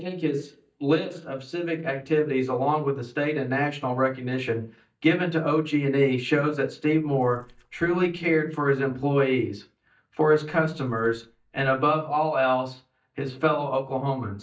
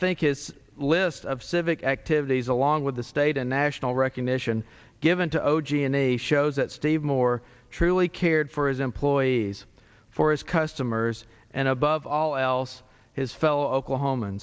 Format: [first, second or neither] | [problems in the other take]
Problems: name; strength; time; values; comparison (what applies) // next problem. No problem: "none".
second | noise reduction (neural mask model DeepFilterNet 3)